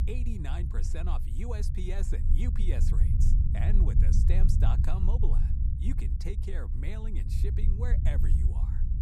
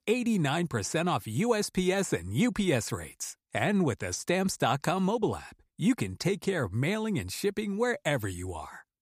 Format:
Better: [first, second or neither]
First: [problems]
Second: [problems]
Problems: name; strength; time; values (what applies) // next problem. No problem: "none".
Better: second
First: low rumble; loud; throughout; 2 dB below the speech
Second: none